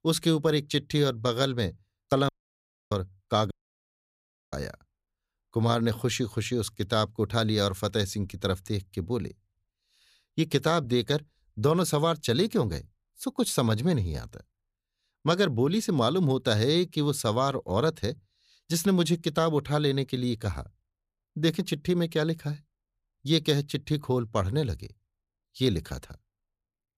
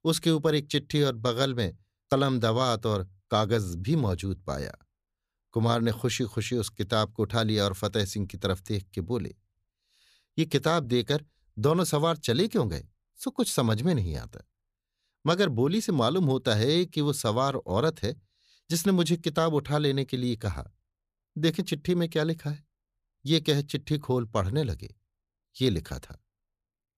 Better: second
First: audio cutting out; at 2.5 s for 0.5 s and at 3.5 s for 1 s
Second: none

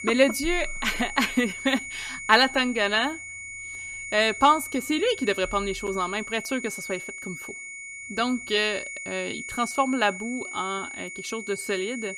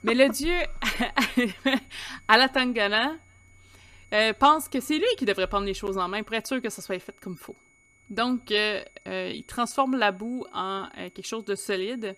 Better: second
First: high-pitched whine; loud; throughout; 2 kHz, 10 dB below the speech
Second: high-pitched whine; faint; throughout; 2 kHz, 30 dB below the speech

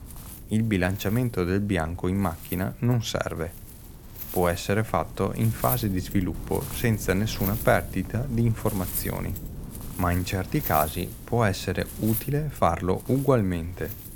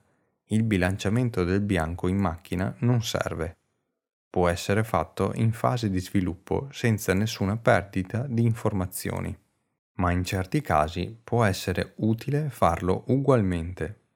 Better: second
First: wind noise on the microphone; occasional gusts; 15 dB below the speech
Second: none

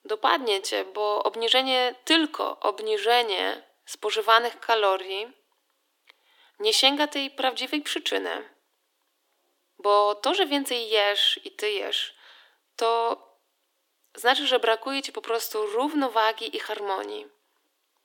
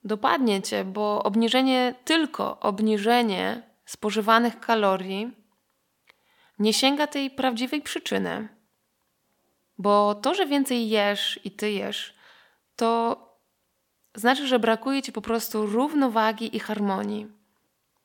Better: second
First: thin; somewhat; fading below 300 Hz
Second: none

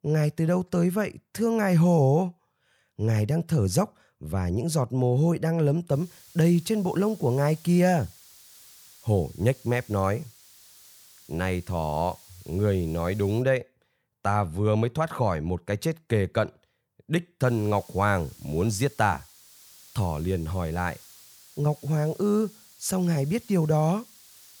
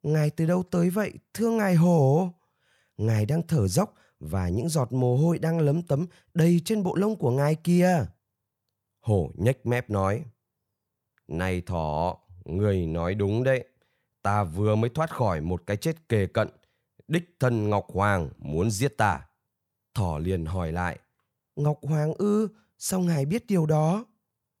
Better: second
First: hiss; faint; from 6 to 13 s and from 17 s on; 25 dB below the speech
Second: none

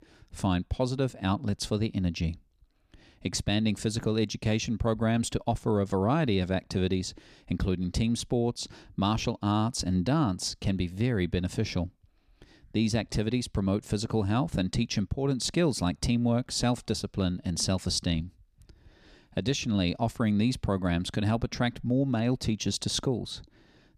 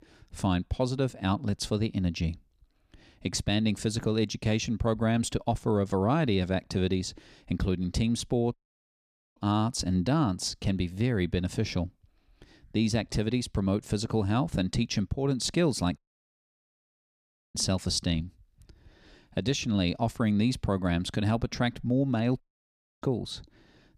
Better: first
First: none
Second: audio cutting out; at 8.5 s for 1 s, at 16 s for 1.5 s and at 22 s for 0.5 s

